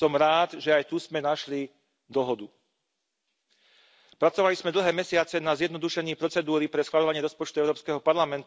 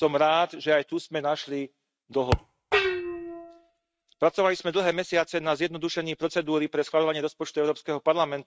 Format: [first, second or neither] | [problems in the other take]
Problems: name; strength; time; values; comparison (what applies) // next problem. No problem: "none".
first | noise reduction (neural mask model RNNoise)